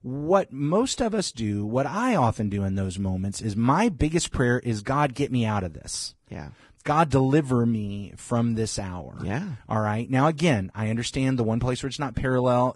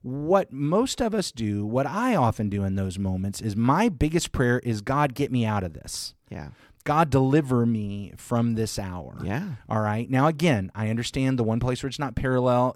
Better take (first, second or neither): second